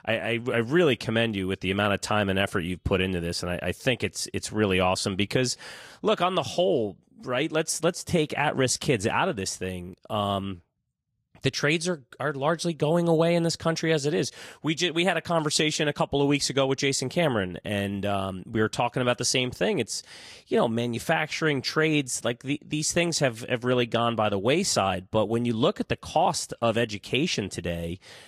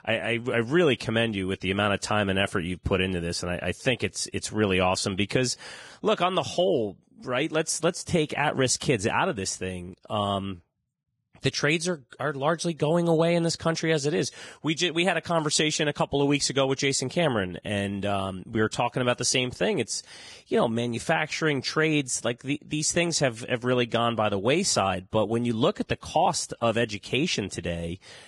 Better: first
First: garbled, watery; slightly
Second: garbled, watery; badly; nothing above 10 kHz

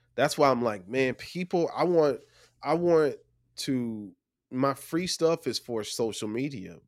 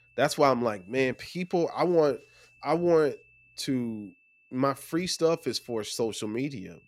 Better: first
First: none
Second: high-pitched whine; faint; throughout; 2.5 kHz, 30 dB below the speech

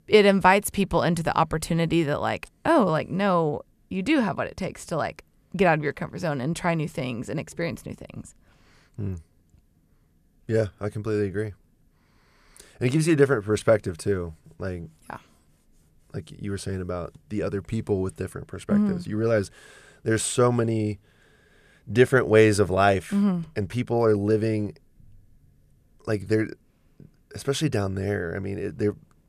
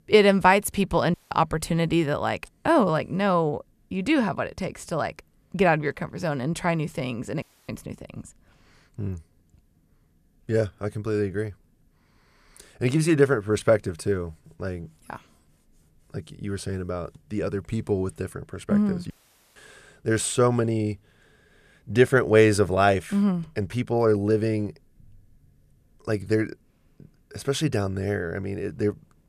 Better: first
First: none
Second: audio cutting out; at 1 s, at 7.5 s and at 19 s

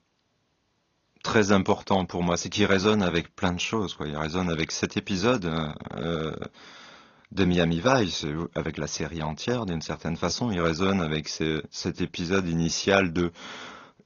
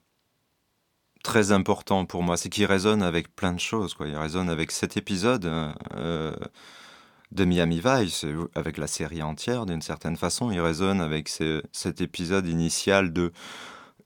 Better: second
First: garbled, watery; slightly; nothing above 6.5 kHz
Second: none

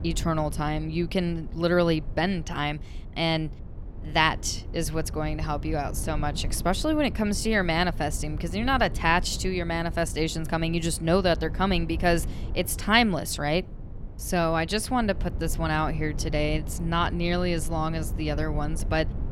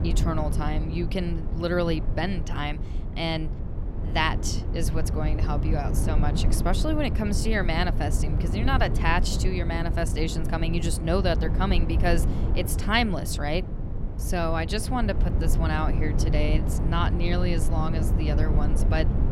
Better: first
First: low rumble; faint; throughout; 20 dB below the speech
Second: low rumble; loud; throughout; 9 dB below the speech

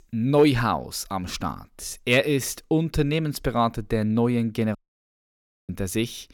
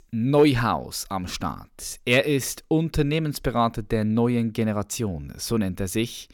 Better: second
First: audio cutting out; at 5 s for 1 s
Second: none

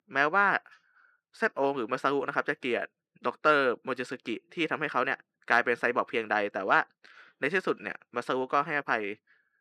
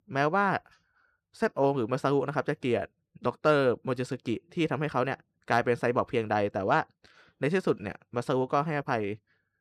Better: second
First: thin; very slightly; fading below 250 Hz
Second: none

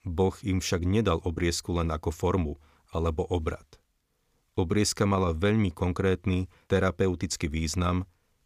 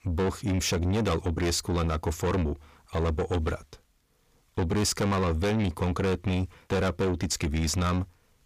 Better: first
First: none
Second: distortion; heavy; 8 dB below the speech

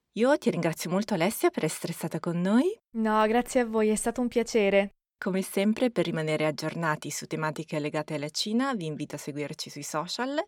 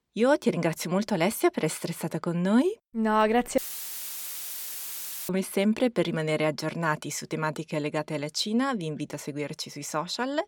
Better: first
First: none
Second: audio cutting out; filled with static; at 3.5 s for 1.5 s

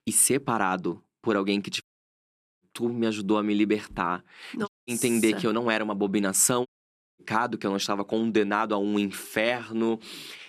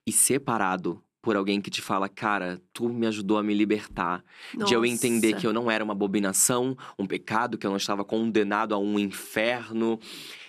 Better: second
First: audio cutting out; at 2 s for 1 s, at 4.5 s and at 6.5 s for 0.5 s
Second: none

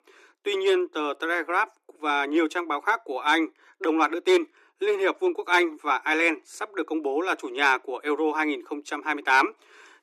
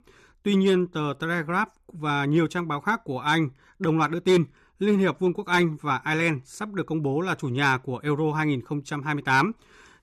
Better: second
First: thin; very; fading below 300 Hz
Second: none

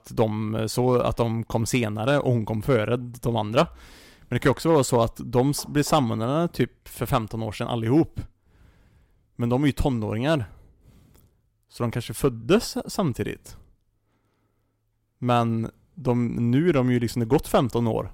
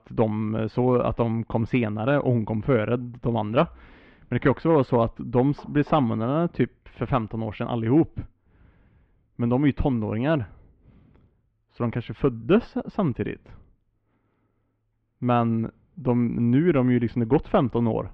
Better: first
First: none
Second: muffled; very; fading above 3 kHz

